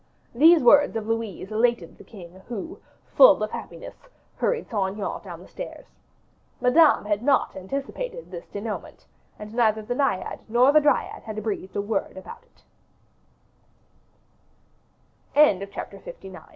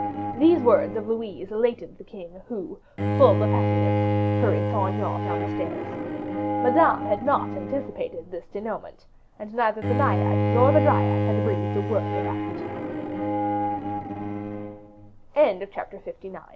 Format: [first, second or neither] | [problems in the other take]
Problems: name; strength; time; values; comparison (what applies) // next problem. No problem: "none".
first | background sound (Bowed string instrument); as loud as the speech